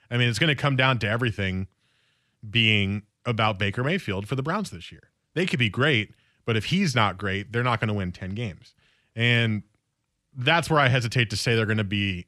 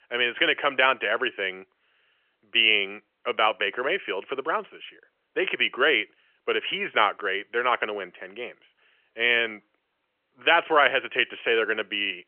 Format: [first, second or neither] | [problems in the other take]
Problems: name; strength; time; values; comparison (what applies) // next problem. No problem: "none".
first | phone-call audio; nothing above 3 kHz